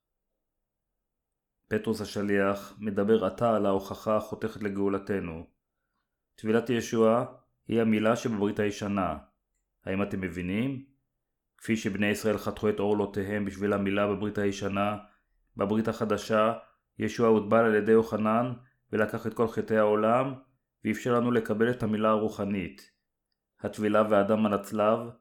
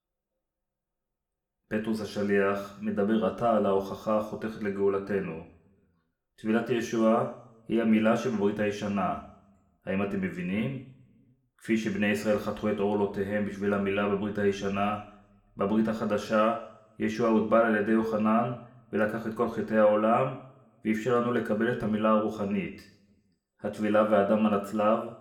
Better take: first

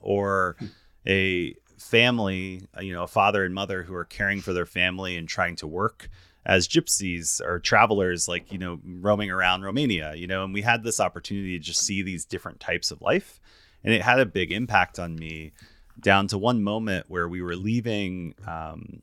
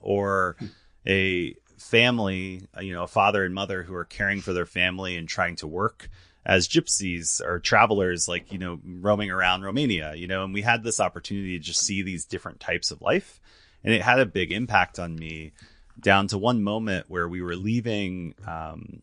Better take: first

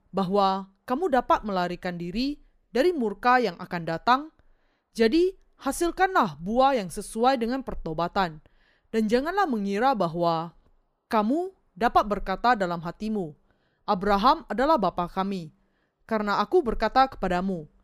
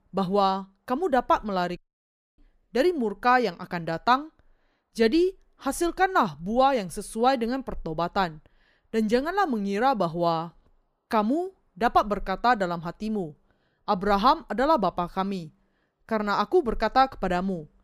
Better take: first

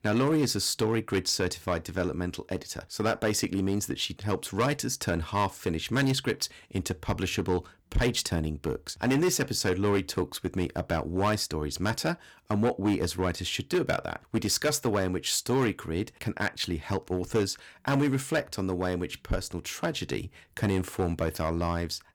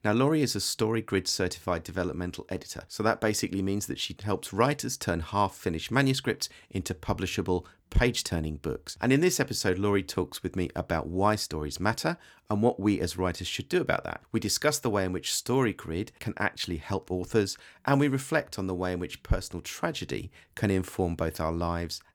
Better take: second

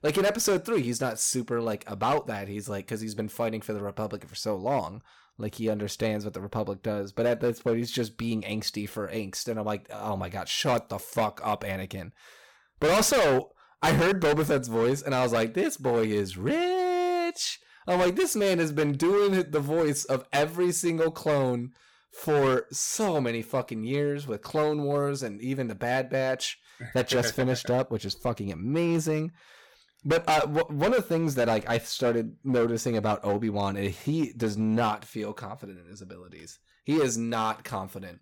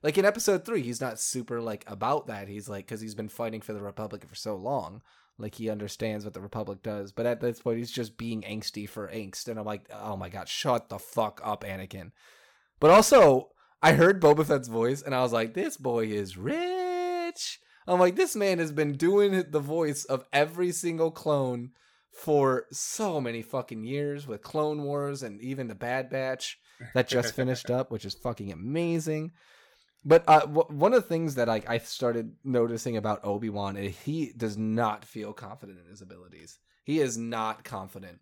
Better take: second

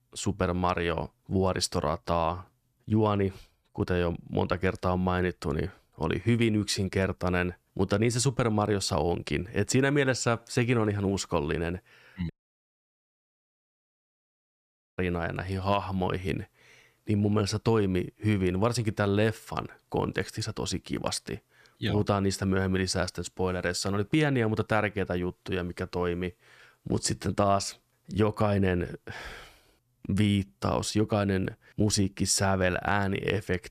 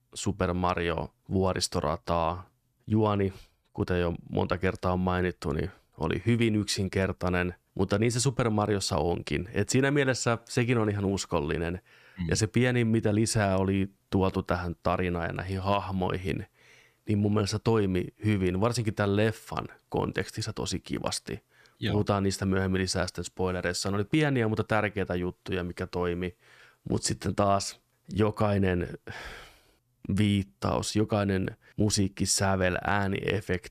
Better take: second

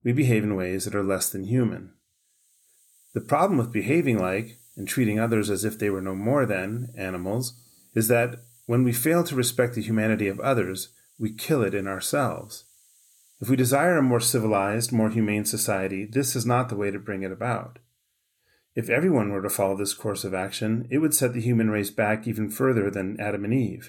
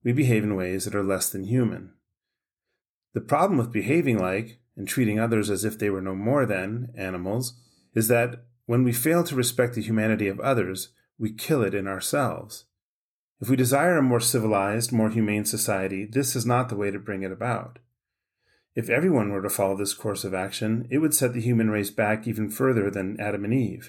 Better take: second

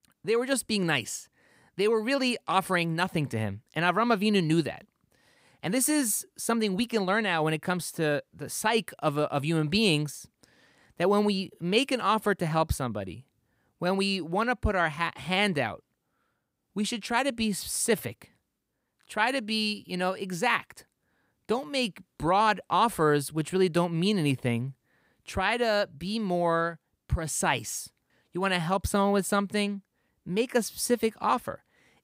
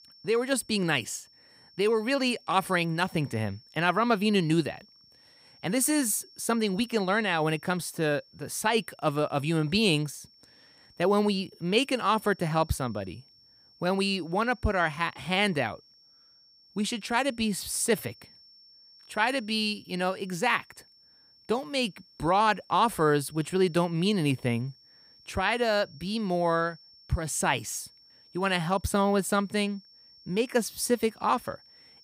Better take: first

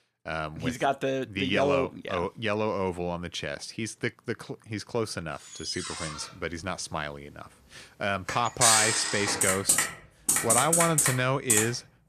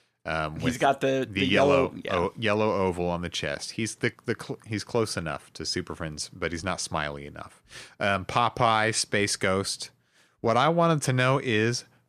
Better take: second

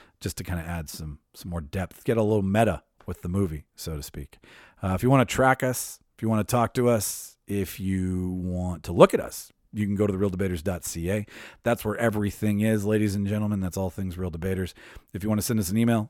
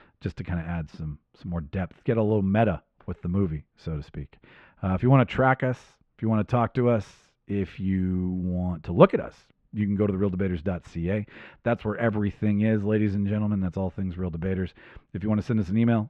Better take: first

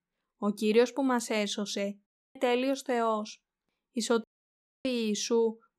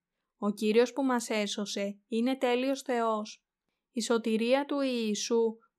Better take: second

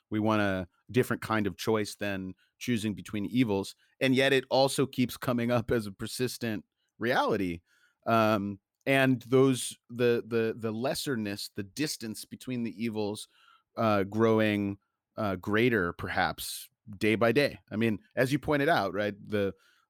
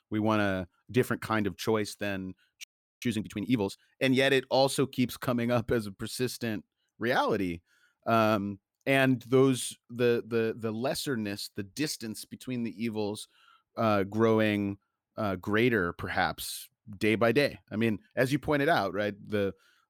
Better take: first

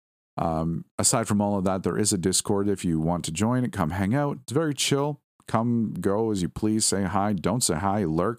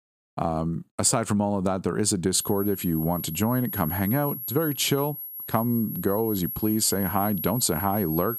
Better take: first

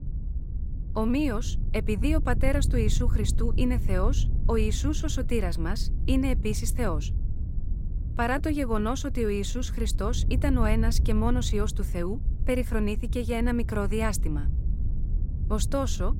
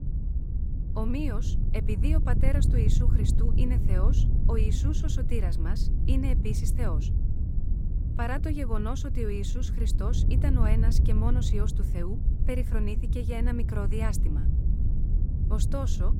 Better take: first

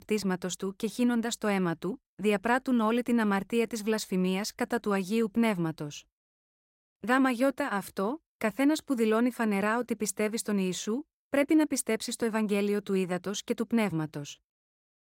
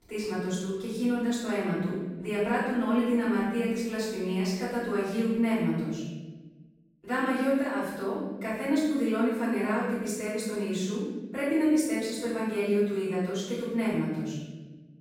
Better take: first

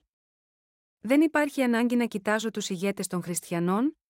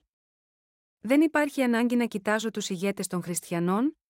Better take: neither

